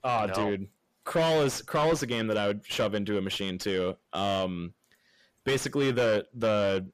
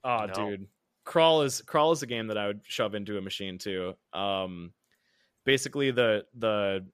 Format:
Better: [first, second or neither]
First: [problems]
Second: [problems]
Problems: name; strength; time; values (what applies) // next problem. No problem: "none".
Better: second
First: distortion; heavy; 6 dB below the speech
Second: none